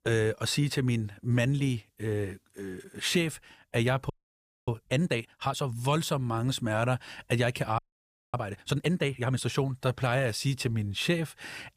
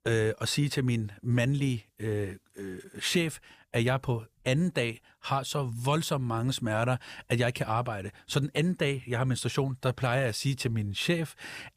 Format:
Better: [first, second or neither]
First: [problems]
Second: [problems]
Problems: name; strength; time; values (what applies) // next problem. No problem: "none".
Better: second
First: audio freezing; at 4 s for 0.5 s and at 8 s for 0.5 s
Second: none